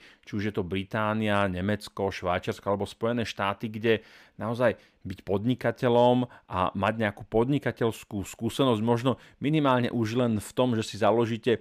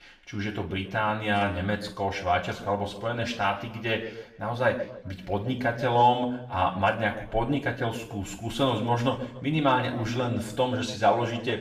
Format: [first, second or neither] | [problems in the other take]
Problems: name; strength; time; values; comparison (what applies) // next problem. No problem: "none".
first | room echo; slight; dies away in 0.6 s // off-mic speech; far